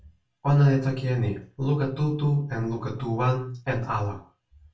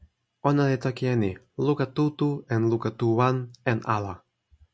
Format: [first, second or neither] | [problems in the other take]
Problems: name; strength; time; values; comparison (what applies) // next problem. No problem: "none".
second | room echo; dies away in 0.3 s